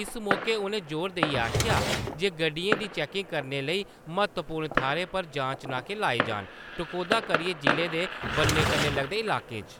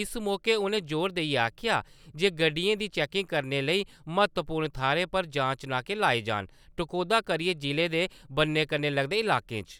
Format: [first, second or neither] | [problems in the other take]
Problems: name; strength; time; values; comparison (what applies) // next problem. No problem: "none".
second | background sound (Fireworks + Drawer open or close); 2 dB below the speech